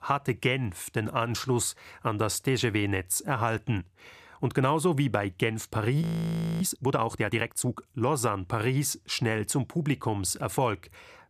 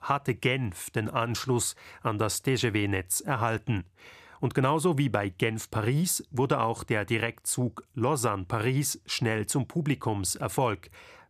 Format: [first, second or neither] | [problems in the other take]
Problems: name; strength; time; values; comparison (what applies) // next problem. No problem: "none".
second | audio freezing; at 6 s for 0.5 s